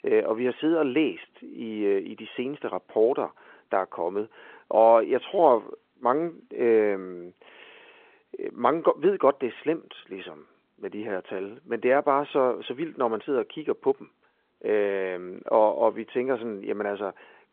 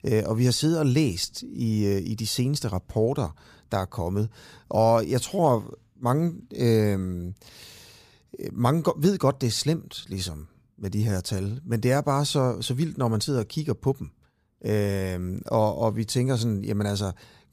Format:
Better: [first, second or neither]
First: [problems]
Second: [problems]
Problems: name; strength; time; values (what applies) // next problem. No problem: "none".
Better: second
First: phone-call audio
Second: none